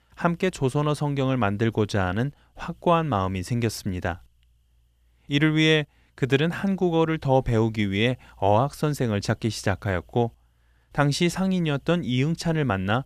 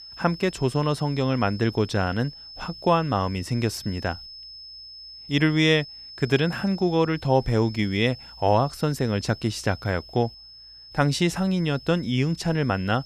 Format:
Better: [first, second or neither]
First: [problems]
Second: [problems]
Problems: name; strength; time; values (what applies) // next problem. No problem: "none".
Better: first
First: none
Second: high-pitched whine; noticeable; throughout; 5 kHz, 15 dB below the speech